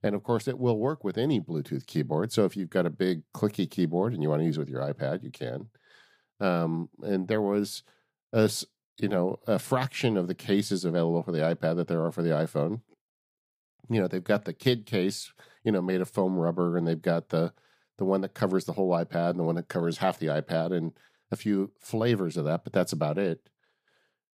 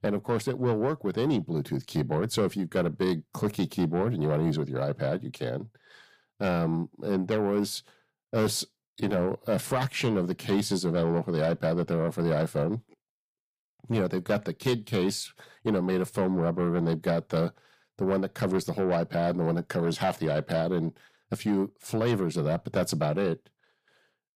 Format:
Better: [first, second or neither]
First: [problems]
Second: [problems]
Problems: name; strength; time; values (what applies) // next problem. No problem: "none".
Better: first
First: none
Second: distortion; slight; 10 dB below the speech